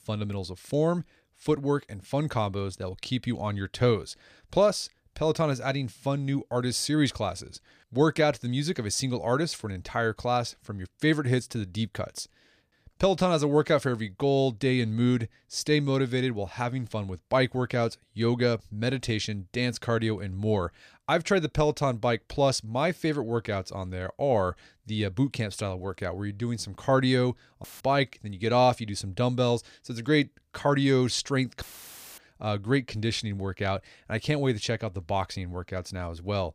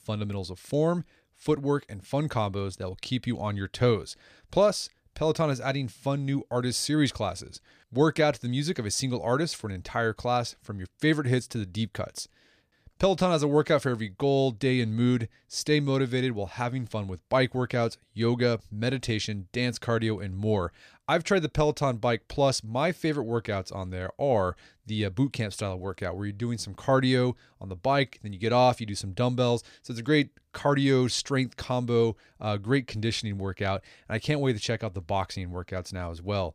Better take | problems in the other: second | audio cutting out; filled with static; at 28 s and at 32 s for 0.5 s

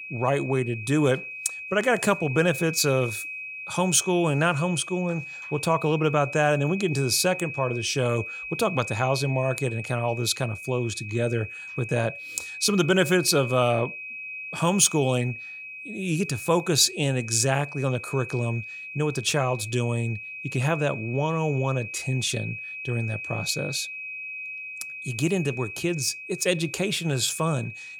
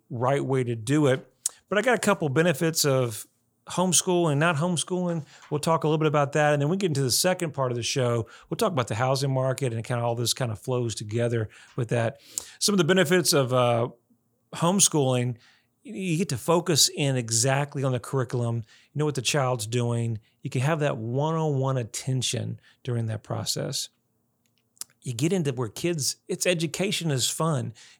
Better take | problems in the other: second | high-pitched whine; loud; throughout; 2.5 kHz, 10 dB below the speech

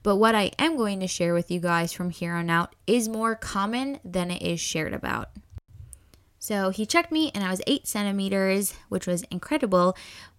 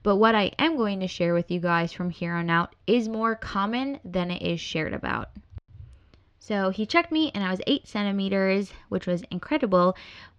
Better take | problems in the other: first | muffled; very slightly; fading above 4.5 kHz

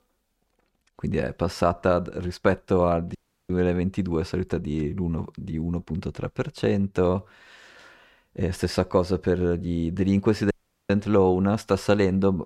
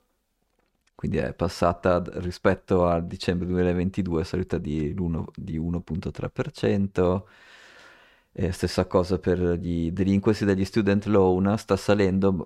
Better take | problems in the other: second | audio cutting out; at 3 s and at 11 s

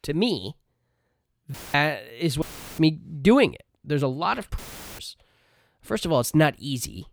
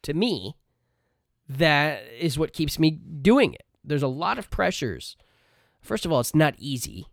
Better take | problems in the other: second | audio cutting out; filled with static; at 1.5 s, at 2.5 s and at 4.5 s

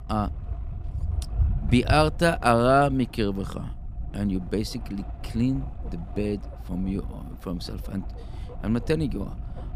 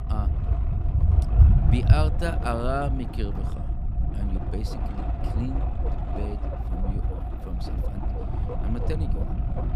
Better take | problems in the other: first | low rumble; loud; throughout; 5 dB below the speech; faint in the first

